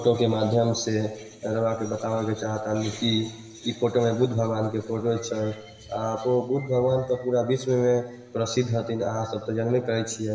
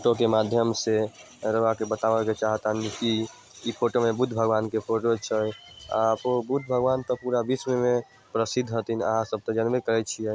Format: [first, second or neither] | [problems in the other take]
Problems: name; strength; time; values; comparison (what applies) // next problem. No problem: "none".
second | room echo; dies away in 1 s